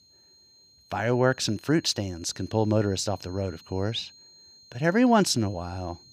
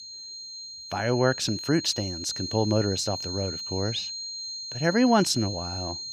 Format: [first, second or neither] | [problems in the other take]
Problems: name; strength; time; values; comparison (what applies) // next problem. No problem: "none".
first | high-pitched whine; loud; throughout; 4 kHz, 7 dB below the speech; faint in the first